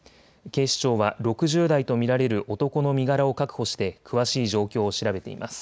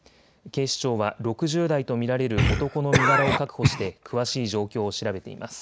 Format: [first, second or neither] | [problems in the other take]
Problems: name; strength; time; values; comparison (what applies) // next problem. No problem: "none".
first | background sound (Cough); 1 dB above the speech